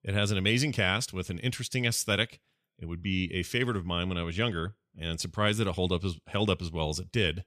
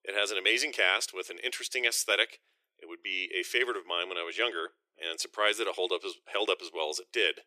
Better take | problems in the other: first | thin; very; fading below 350 Hz

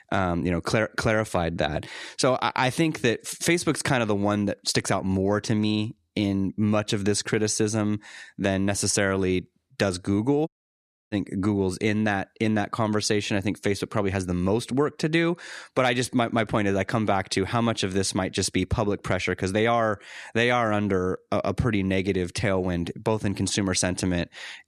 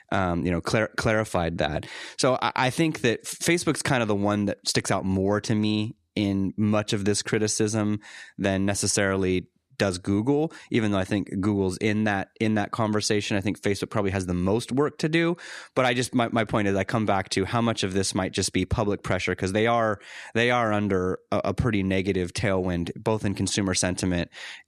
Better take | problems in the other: second | audio cutting out; at 10 s for 0.5 s

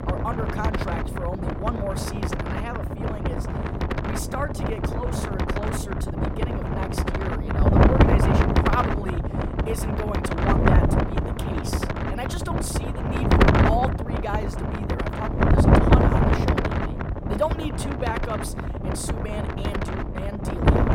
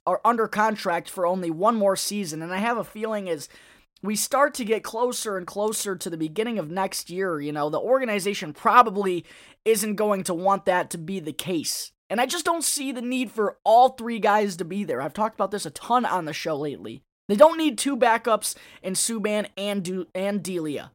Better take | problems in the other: second | wind noise on the microphone; heavy; 4 dB above the speech

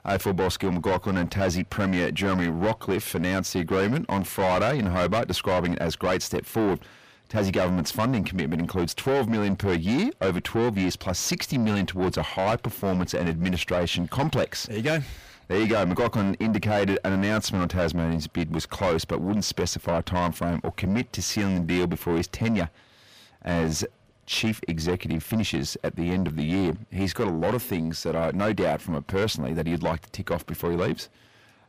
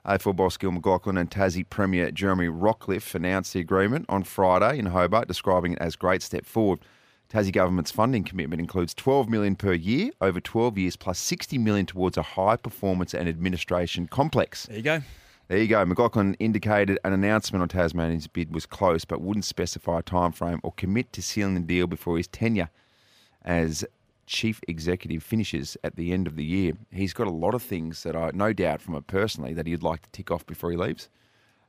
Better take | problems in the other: second | distortion; heavy; 6 dB below the speech

